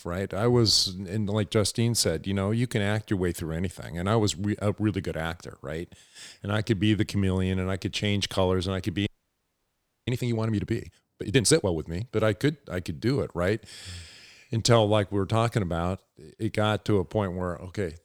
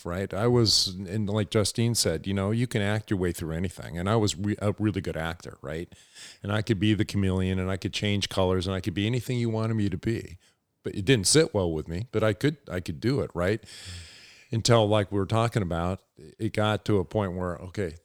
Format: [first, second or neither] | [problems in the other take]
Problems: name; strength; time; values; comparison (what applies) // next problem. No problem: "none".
second | audio freezing; at 9 s for 1 s